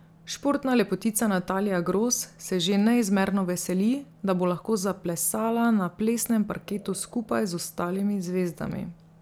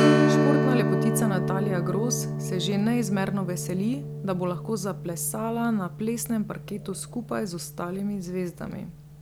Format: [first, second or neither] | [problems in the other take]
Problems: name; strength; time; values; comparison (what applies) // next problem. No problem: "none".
first | background sound (Strum); 1 dB above the speech